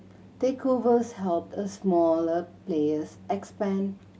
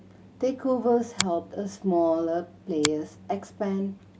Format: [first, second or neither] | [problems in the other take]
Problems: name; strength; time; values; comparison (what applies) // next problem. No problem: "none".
first | background sound (Finger snapping); 10 dB below the speech